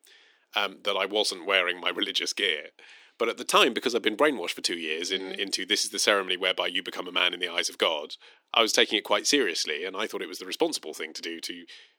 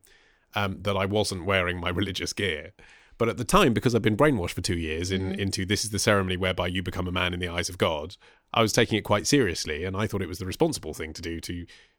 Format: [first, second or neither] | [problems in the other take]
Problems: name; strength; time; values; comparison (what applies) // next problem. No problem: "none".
second | thin; somewhat; fading below 300 Hz